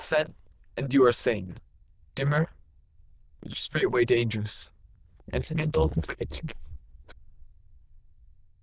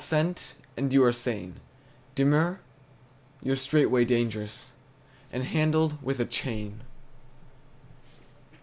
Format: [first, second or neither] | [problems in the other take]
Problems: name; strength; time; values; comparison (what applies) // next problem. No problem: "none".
second | noise reduction (neural diffusion model UNIVERSE++)